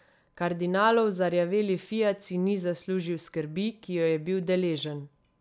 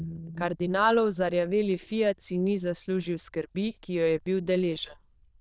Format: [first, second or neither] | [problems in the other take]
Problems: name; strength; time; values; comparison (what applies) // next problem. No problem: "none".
first | noise reduction (neural diffusion model UNIVERSE++)